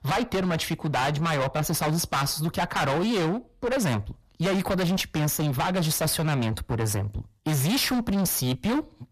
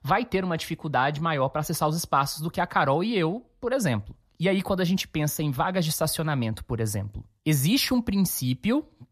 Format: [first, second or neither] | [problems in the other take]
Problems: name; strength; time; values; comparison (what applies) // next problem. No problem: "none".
second | distortion; heavy; 34% of the sound clipped